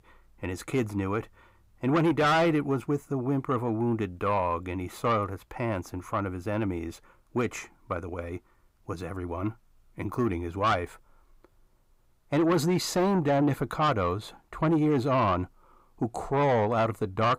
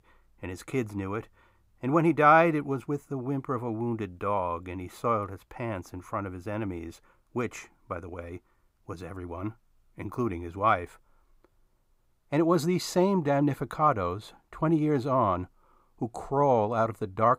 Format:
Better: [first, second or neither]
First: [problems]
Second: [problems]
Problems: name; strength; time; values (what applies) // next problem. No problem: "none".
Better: second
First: distortion; heavy; 8 dB below the speech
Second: none